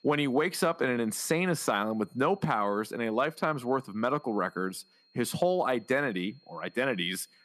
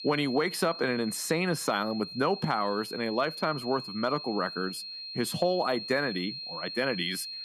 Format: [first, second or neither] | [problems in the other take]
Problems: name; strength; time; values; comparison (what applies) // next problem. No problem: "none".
first | high-pitched whine; loud; throughout; 4 kHz, 8 dB below the speech; faint in the first